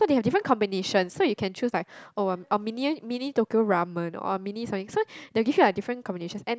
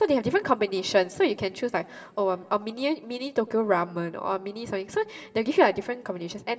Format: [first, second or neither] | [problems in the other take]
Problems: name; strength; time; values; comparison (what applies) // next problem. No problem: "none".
first | room echo; dies away in 1.3 s